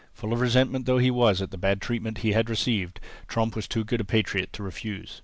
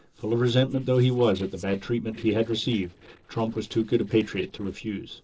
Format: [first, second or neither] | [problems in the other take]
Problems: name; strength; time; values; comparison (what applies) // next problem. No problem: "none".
first | noise reduction (neural separator model SepFormer DNS4)